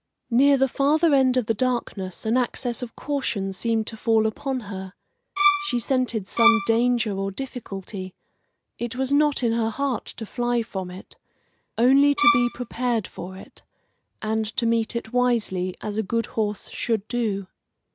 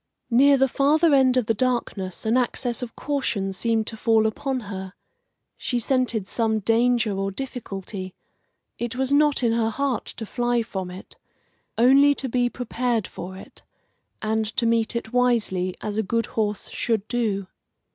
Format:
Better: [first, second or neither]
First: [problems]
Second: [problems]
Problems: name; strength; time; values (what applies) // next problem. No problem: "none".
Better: second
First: background sound (Bowed string instrument); 1 dB above the speech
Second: none